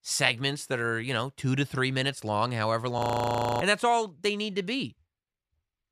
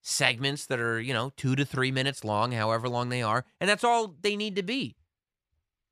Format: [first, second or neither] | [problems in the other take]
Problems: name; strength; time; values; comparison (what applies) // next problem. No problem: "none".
second | audio freezing; at 3 s for 0.5 s